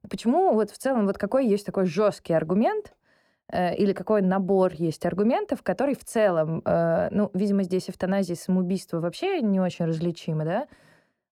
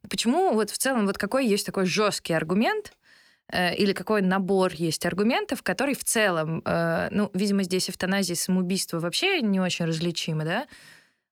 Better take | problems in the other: second | muffled; very; fading above 1.5 kHz

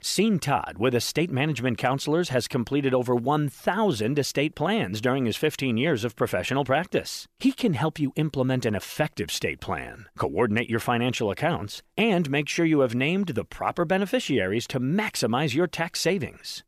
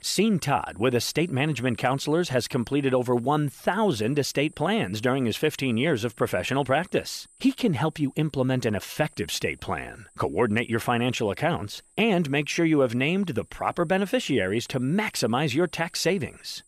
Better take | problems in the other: first | high-pitched whine; faint; throughout; 8 kHz, 30 dB below the speech

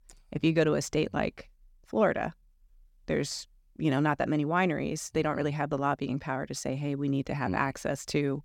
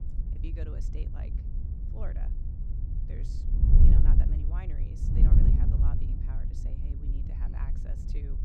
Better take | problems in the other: first | wind noise on the microphone; heavy; 5 dB above the speech

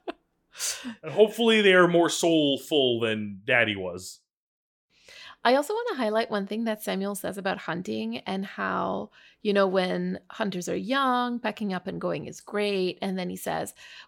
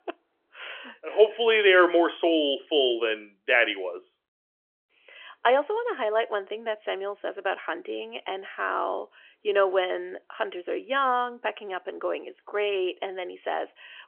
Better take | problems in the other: first | phone-call audio; nothing above 3.5 kHz

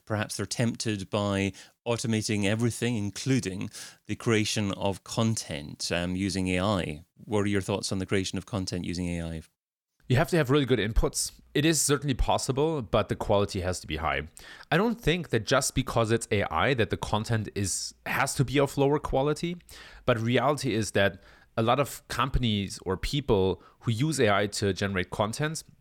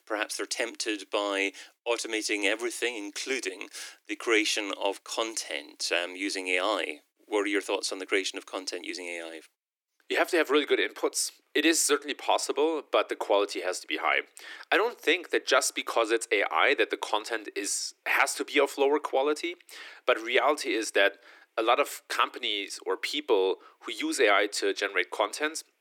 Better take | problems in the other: first | thin; very; fading below 300 Hz

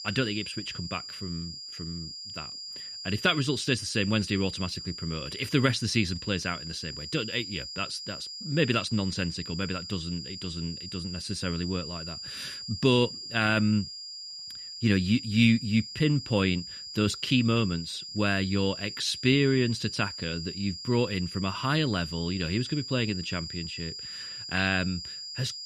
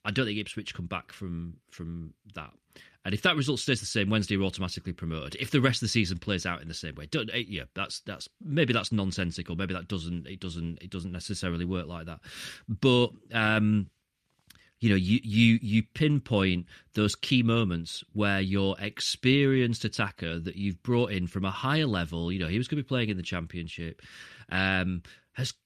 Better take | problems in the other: second | high-pitched whine; loud; throughout; 5 kHz, 9 dB below the speech

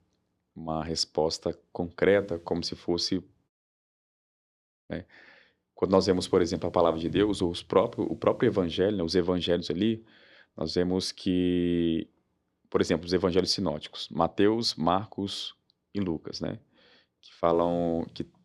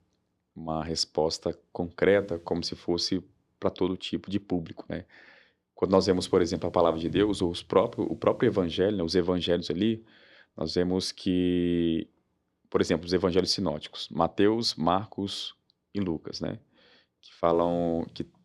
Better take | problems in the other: second | audio cutting out; at 3.5 s for 1.5 s

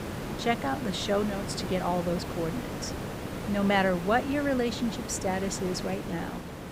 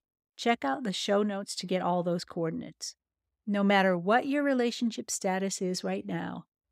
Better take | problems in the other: second | hiss; loud; throughout; 7 dB below the speech

